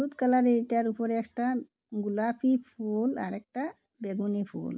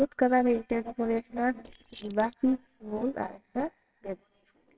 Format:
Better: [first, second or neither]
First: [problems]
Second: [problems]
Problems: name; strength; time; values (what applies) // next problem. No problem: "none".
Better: first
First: none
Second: noise reduction (neural separator model SepFormer WHAMR!)